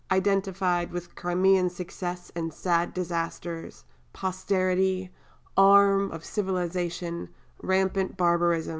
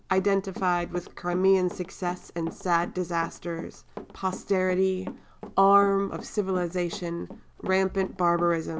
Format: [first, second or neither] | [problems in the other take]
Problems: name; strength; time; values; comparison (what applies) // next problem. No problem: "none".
first | background sound (Run); 16 dB below the speech